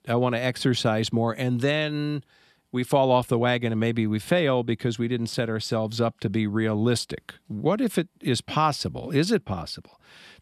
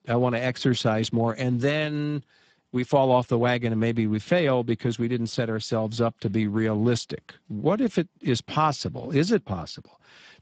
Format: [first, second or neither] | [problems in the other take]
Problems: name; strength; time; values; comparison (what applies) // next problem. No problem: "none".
first | garbled, watery; badly; nothing above 7.5 kHz